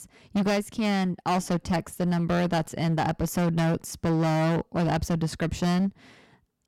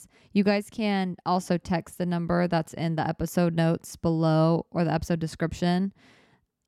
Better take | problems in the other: second | distortion; heavy; 16% of the sound clipped

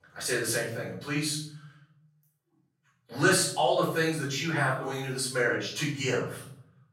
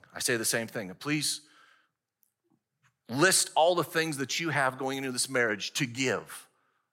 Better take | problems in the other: second | room echo; noticeable; dies away in 0.7 s // off-mic speech; far

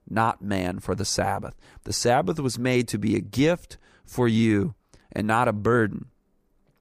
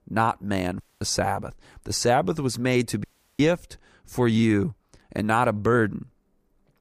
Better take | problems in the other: first | audio cutting out; at 1 s and at 3 s

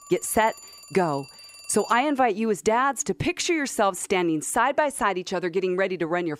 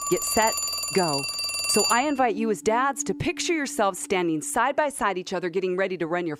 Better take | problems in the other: first | alarms or sirens; loud; throughout; 2 dB below the speech; faint in the first

